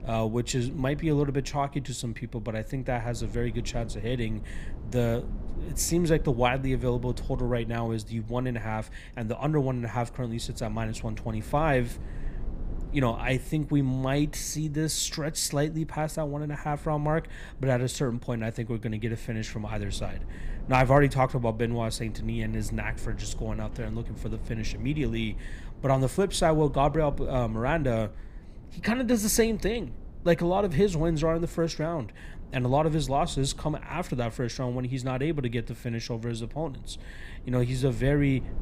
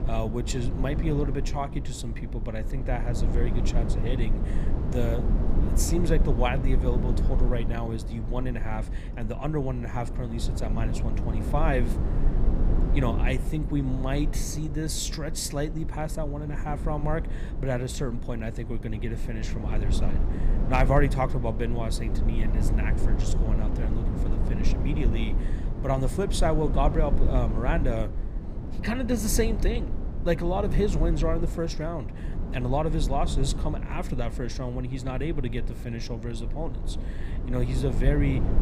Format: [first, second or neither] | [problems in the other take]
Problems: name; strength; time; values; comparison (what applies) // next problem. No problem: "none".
first | low rumble; loud; throughout; 8 dB below the speech; faint in the first